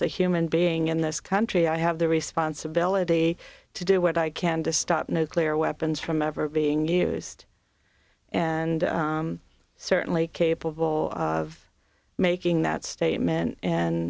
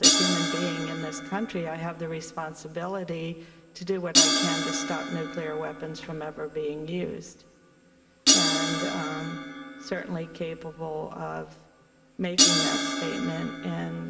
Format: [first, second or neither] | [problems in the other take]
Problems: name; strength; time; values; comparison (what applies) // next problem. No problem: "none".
first | background sound (Crash cymbal); 4 dB above the speech // room echo; dies away in 2.1 s